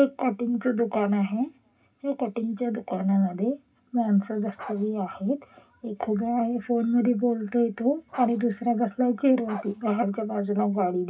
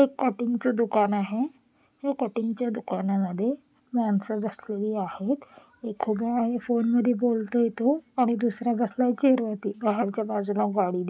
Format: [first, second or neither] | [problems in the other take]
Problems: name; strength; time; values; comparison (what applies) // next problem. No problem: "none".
second | background sound (Bark); 18 dB below the speech // room echo; dies away in 0.4 s